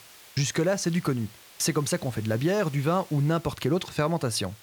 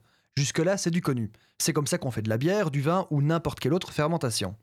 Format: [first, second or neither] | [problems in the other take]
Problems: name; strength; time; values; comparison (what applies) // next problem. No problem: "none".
second | hiss; faint; throughout; 20 dB below the speech